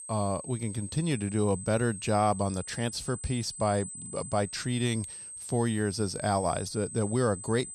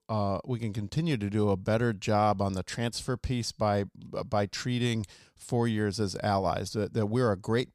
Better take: second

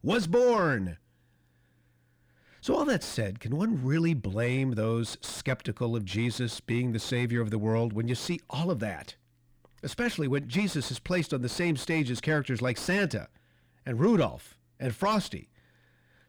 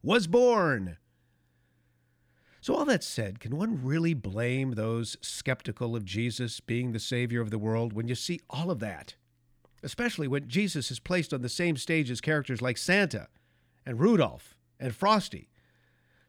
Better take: second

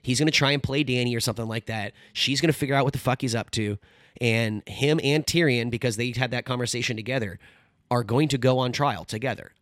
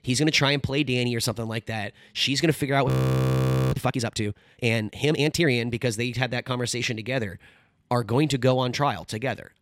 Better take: first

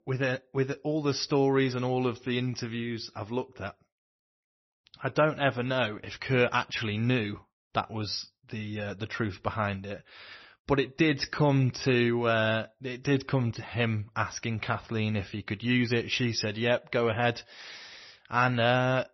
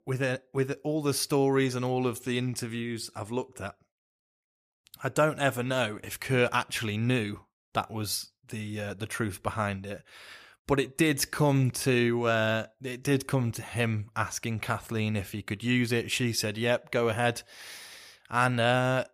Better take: second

